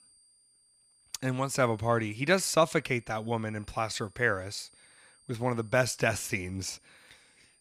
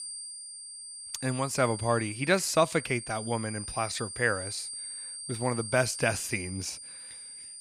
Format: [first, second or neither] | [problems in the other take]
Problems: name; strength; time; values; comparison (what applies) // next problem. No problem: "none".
first | high-pitched whine; loud; throughout; 9 kHz, 8 dB below the speech; faint in the first